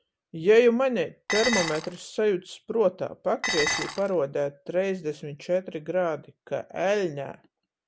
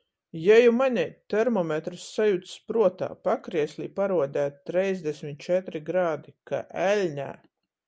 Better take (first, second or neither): second